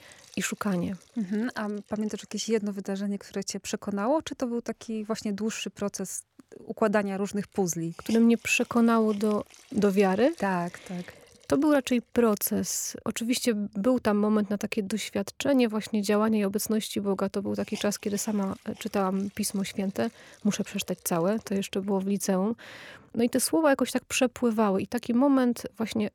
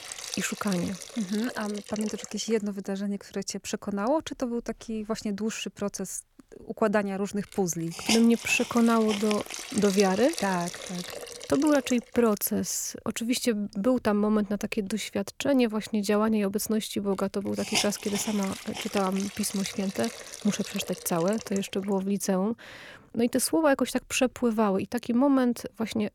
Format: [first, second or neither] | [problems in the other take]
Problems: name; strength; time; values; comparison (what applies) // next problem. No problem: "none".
first | hiss; loud; throughout; 8 dB below the speech; faint in the first